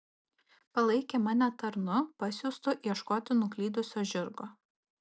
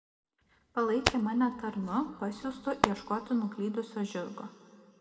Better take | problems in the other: first | background sound (Hands); 4 dB below the speech // room echo; dies away in 2.2 s

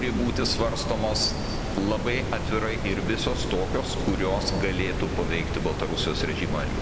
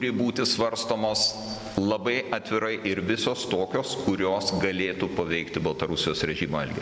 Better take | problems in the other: second | background sound (Water); 1 dB below the speech

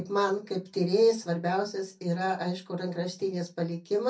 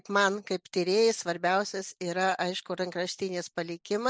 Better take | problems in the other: second | room echo; dies away in 0.3 s

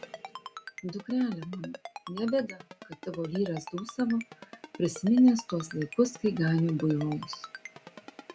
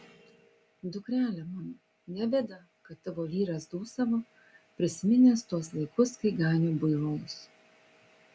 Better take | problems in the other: second | background sound (Ringtone); 16 dB below the speech

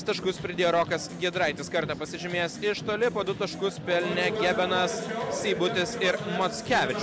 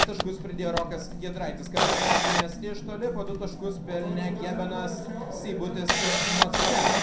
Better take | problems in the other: first | background sound (Camera); 3 dB above the speech // room echo; dies away in 0.5 s

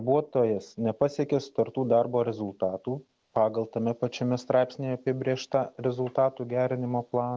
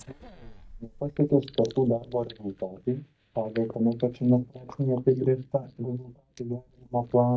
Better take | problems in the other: first | noise reduction (neural mask model DeepFilterNet 3)

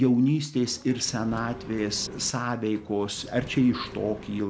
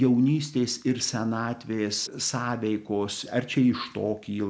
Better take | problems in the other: second | background sound (Engine); 16 dB below the speech

